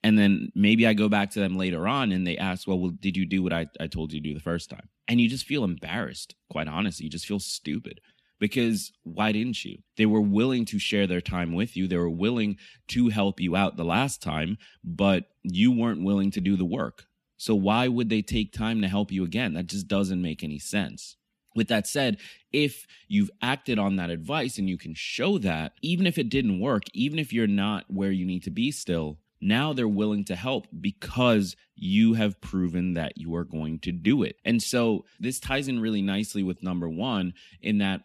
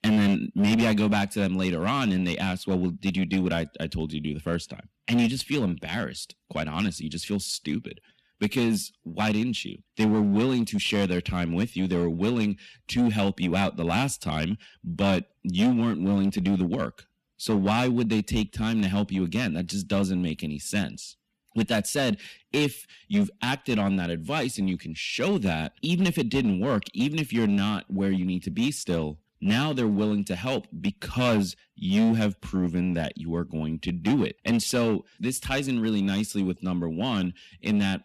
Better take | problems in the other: first | distortion; slight; 7% of the sound clipped

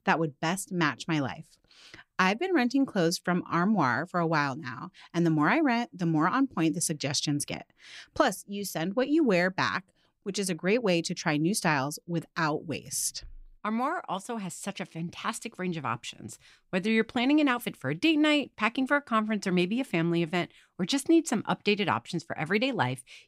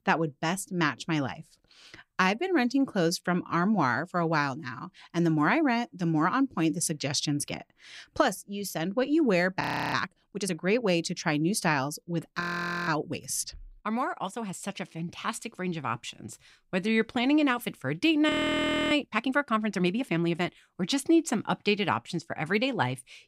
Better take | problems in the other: first | audio freezing; at 9.5 s, at 12 s and at 18 s for 0.5 s

